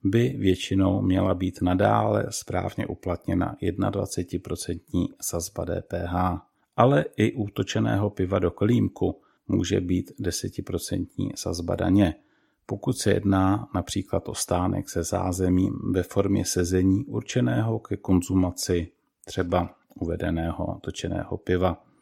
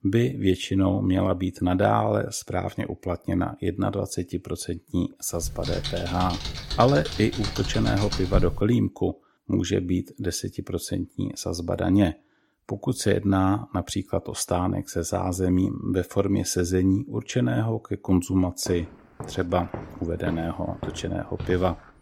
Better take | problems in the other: first | keyboard typing; noticeable; from 5.5 to 8.5 s; peak 2 dB below the speech // footsteps; faint; from 19 s on; peak 10 dB below the speech

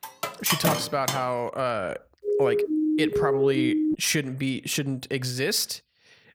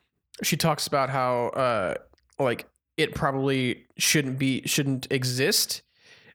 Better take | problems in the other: second | clattering dishes; loud; until 1 s; peak 4 dB above the speech // siren; loud; from 2 to 4 s; peak 4 dB above the speech

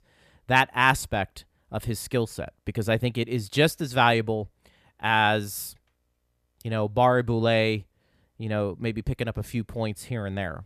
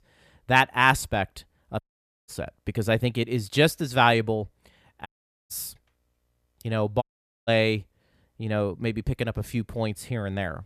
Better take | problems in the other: first | audio cutting out; at 2 s, at 5 s and at 7 s

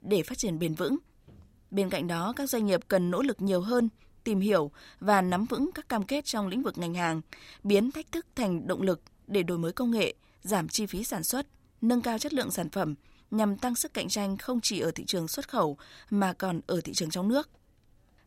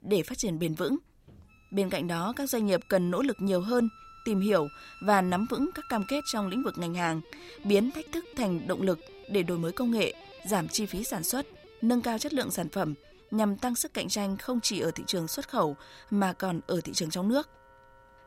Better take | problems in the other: first | background music; faint; throughout; 20 dB below the speech

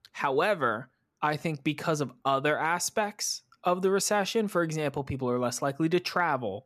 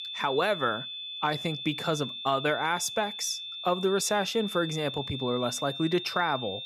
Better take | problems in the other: first | high-pitched whine; loud; throughout; 3.5 kHz, 7 dB below the speech

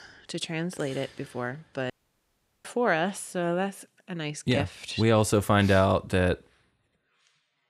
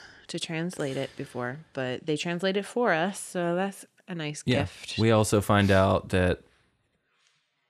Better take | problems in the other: second | audio cutting out; at 2 s for 0.5 s

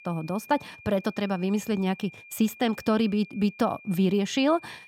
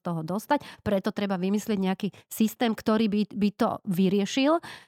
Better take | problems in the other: second | high-pitched whine; faint; throughout; 2.5 kHz, 20 dB below the speech

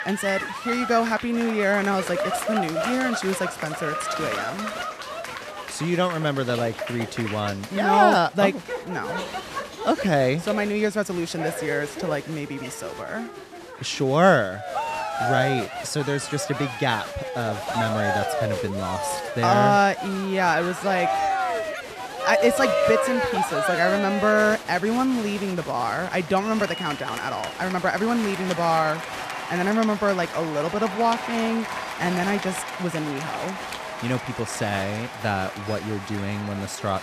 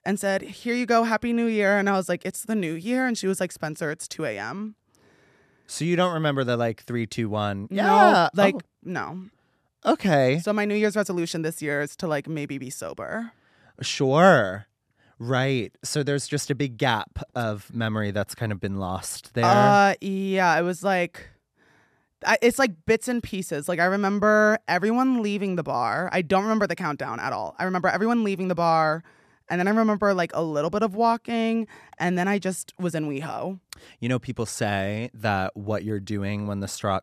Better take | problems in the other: second | crowd noise; loud; throughout; 5 dB below the speech

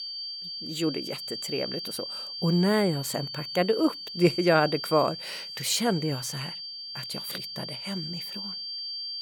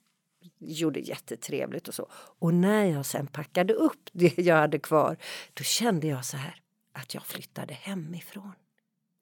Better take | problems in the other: second | high-pitched whine; loud; throughout; 4.5 kHz, 6 dB below the speech

